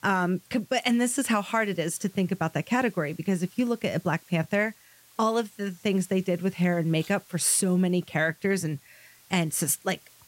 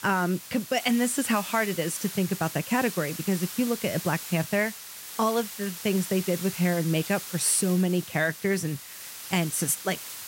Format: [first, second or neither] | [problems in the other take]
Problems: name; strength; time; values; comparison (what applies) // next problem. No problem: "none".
first | hiss; loud; throughout; 10 dB below the speech; faint in the first